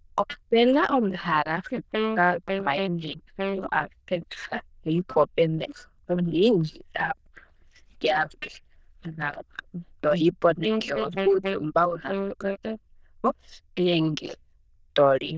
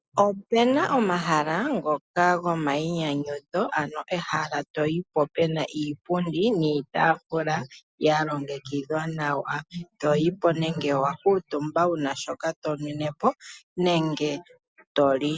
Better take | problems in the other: second | noise reduction (neural diffusion model UNIVERSE++)

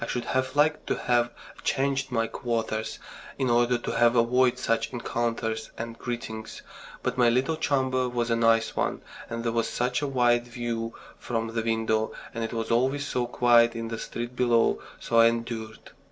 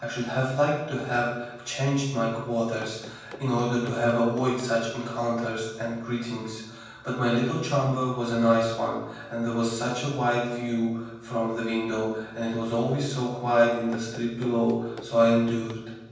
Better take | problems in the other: first | background sound (Run); 18 dB below the speech // room echo; dies away in 1.2 s

